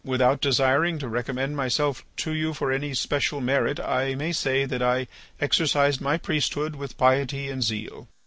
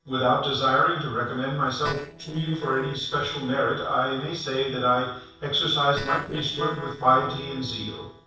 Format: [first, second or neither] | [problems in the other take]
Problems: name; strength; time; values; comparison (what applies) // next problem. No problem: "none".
first | noise reduction (neural separator model SepFormer DNS4)